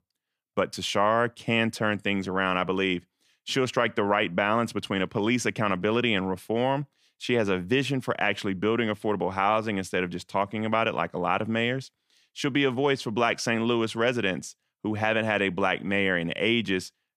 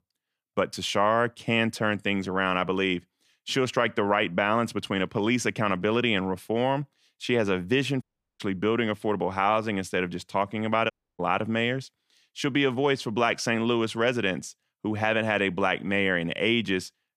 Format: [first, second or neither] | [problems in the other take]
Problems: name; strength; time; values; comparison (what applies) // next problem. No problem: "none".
first | audio cutting out; at 8 s and at 11 s